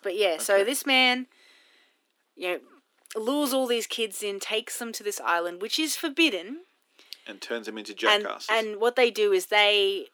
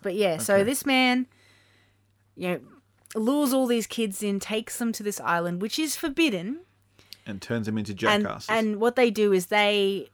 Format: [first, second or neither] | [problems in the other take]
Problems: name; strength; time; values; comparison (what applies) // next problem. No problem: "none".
second | thin; somewhat; fading below 300 Hz